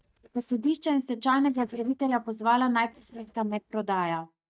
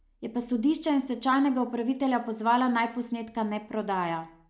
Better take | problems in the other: second | noise reduction (neural mask model DeepFilterNet 3)

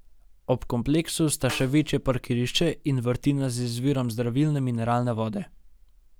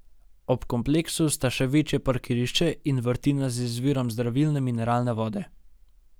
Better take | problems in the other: second | background sound (Snare drum); 19 dB below the speech

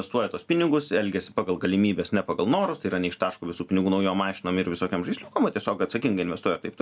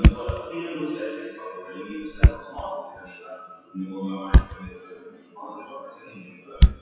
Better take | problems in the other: first | noise reduction (classical method WPE with log-MMSE)

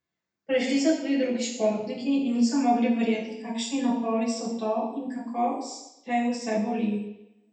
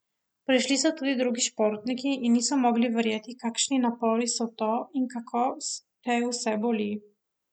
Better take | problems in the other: second | room echo; dies away in 0.8 s

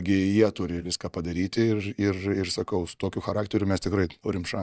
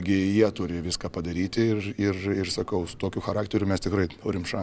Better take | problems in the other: second | noise reduction (neural mask model DeepFilterNet 3)

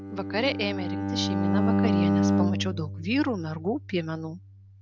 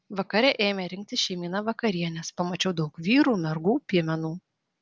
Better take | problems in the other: second | background sound (Bowed string instrument); 4 dB above the speech

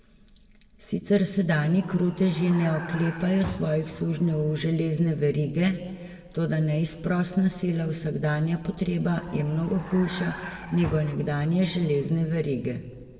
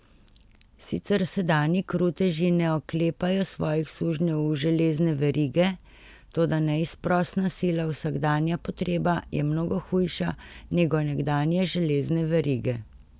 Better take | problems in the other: second | background sound (Vehicle); 15 dB below the speech // room echo; dies away in 1.4 s

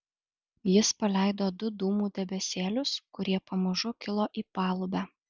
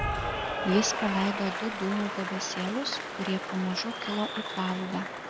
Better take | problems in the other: first | background sound (Applause / Cheering); 3 dB below the speech

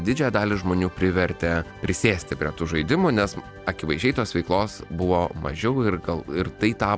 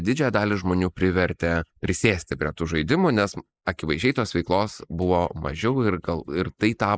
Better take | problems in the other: first | noise reduction (neural mask model Resemble Enhance denoiser)

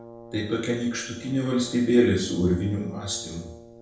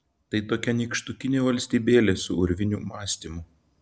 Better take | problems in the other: second | background sound (Brass instrument); 18 dB below the speech // room echo; dies away in 0.6 s

